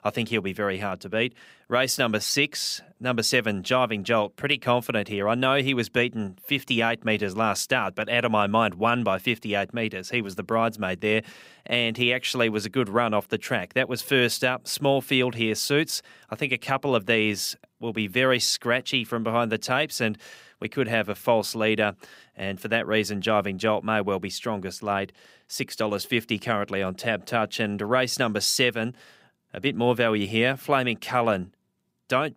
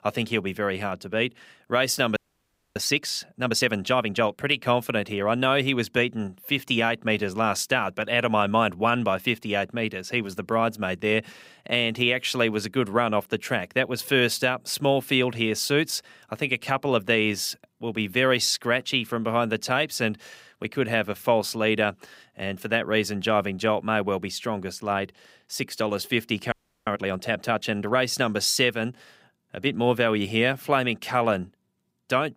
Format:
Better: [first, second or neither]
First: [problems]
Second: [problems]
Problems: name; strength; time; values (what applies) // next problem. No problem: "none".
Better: first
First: none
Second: audio freezing; at 2 s for 0.5 s and at 27 s